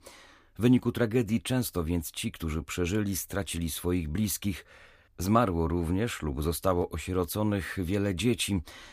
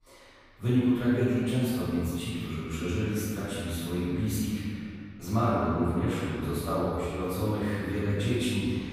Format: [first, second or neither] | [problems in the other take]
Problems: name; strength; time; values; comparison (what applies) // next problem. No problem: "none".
first | room echo; strong; dies away in 2 s // off-mic speech; far